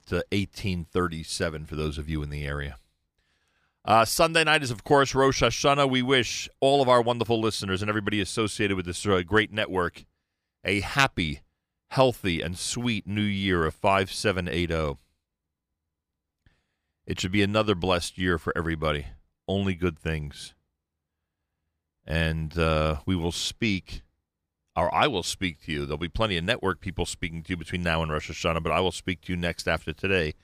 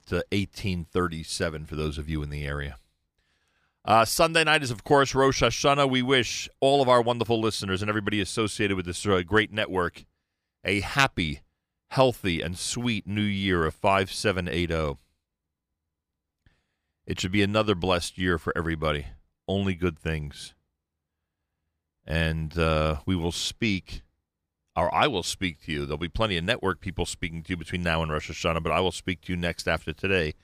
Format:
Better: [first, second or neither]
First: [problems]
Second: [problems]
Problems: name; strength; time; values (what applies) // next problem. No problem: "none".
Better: neither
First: none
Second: none